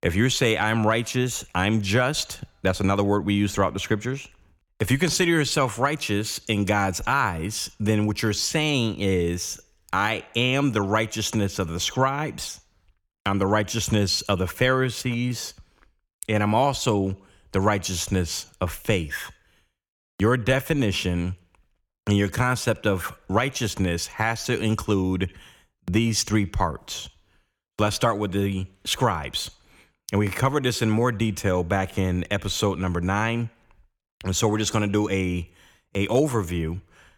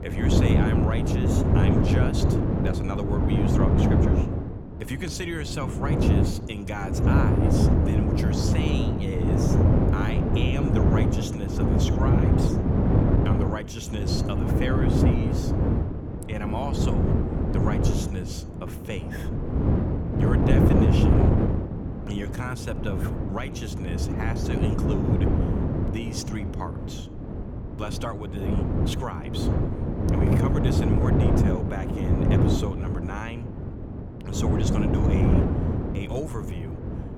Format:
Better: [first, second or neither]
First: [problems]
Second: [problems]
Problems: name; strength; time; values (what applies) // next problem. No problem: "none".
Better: first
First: none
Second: wind noise on the microphone; heavy; 4 dB above the speech